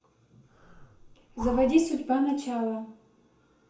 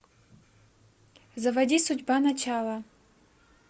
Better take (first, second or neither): second